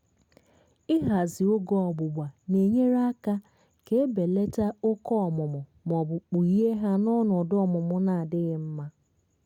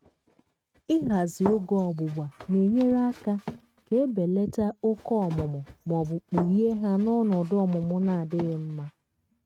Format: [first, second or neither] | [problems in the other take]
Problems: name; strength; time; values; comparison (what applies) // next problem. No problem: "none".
first | noise reduction (neural mask model RNNoise)